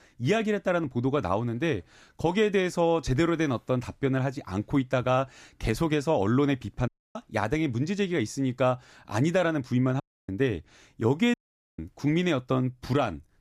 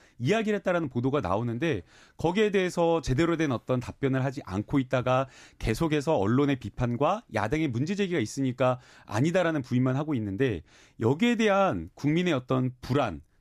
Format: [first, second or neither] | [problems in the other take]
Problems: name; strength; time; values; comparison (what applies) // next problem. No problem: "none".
second | audio cutting out; at 7 s, at 10 s and at 11 s